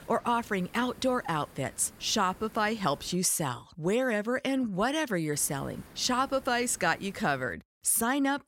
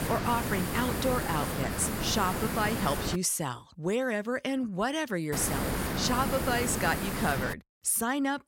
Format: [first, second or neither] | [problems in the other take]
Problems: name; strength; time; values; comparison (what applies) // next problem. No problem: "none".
first | hiss; loud; until 3 s and from 5.5 to 7.5 s; 2 dB below the speech; faint in the first